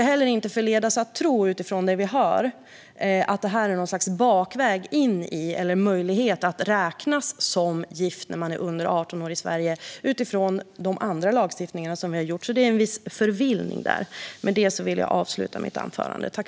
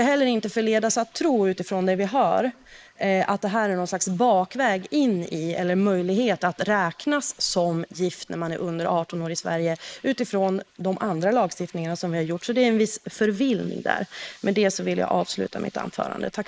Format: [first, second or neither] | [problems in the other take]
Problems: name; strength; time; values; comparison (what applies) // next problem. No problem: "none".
first | noise reduction (neural mask model Resemble Enhance denoiser)